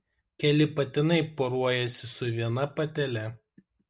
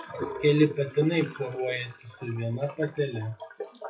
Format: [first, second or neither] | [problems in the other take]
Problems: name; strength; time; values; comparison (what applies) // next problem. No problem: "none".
first | noise reduction (classical method WPE with log-MMSE)